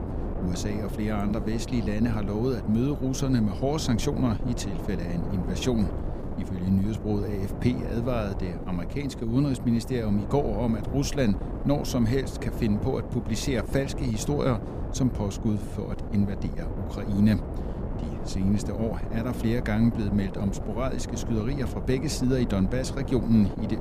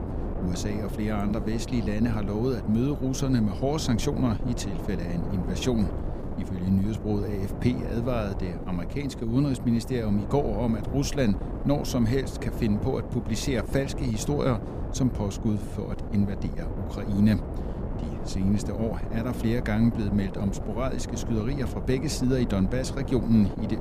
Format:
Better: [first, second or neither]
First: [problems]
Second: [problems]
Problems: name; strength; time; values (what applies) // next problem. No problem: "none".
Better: neither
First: wind noise on the microphone; heavy; 8 dB below the speech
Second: wind noise on the microphone; heavy; 8 dB below the speech